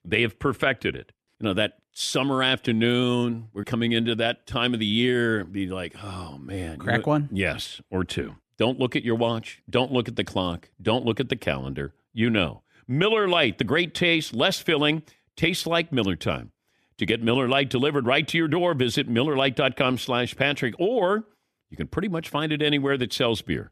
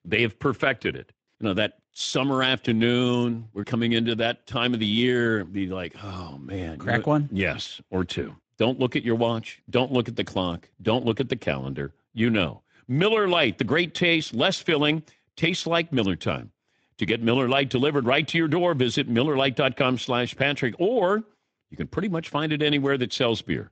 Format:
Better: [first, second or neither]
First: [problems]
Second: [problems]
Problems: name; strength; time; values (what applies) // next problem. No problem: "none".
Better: first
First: none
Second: garbled, watery; slightly; nothing above 7.5 kHz